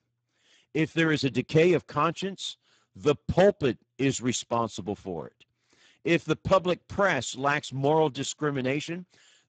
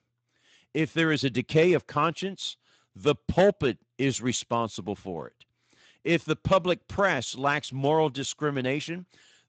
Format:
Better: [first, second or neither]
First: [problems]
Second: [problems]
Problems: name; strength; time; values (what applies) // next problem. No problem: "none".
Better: second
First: garbled, watery; badly; nothing above 7.5 kHz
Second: garbled, watery; slightly; nothing above 7.5 kHz